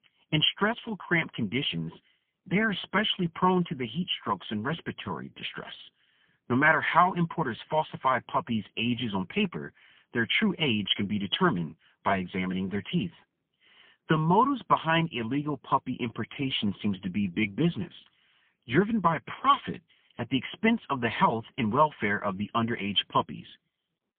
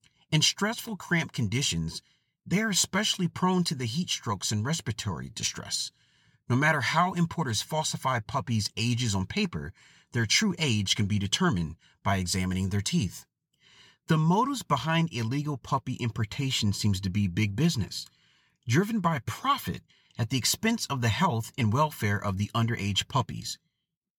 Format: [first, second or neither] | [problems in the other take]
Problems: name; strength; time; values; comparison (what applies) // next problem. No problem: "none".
second | phone-call audio; poor line; nothing above 3.5 kHz